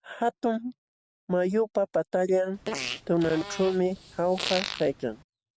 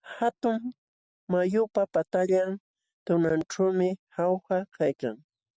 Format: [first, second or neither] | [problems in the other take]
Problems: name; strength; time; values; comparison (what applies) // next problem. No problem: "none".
second | background sound (Fart); 8 dB below the speech